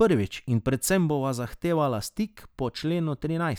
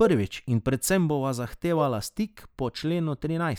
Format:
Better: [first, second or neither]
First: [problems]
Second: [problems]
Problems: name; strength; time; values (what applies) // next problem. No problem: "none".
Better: first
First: none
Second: noise reduction (neural mask model Resemble Enhance denoiser)